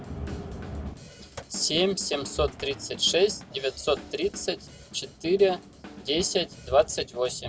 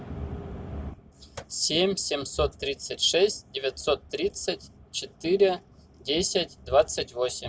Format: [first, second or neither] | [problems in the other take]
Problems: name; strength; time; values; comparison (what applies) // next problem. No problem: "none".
second | background sound (Drum / Drum kit); 18 dB below the speech